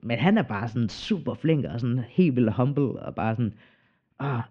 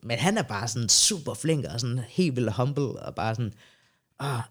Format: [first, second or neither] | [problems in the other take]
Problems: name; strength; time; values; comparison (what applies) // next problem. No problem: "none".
second | muffled; very; fading above 2.5 kHz